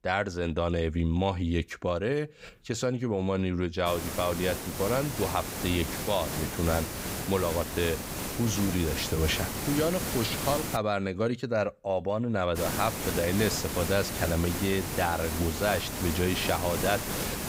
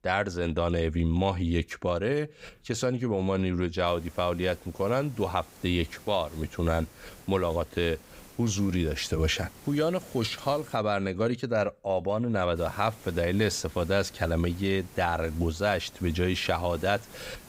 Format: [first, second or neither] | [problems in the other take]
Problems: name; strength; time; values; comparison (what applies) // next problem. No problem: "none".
second | hiss; loud; from 4 to 11 s and from 13 s on; 4 dB below the speech; faint in the second